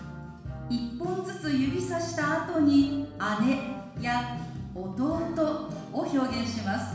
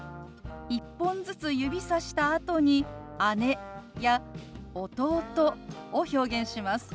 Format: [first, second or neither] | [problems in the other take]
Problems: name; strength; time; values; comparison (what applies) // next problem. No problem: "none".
second | room echo; dies away in 1.1 s